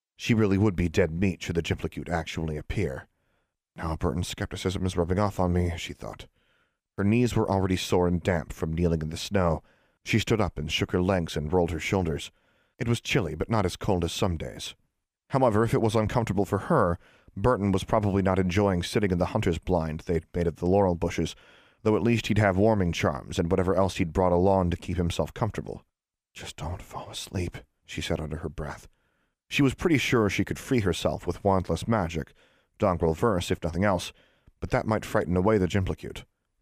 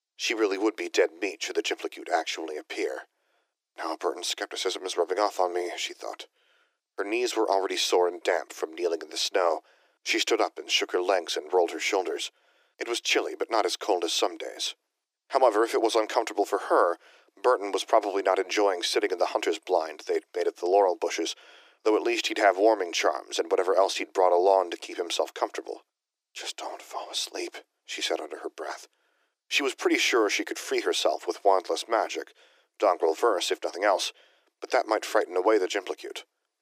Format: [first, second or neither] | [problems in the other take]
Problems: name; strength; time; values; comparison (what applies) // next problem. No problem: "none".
first | thin; very; fading below 300 Hz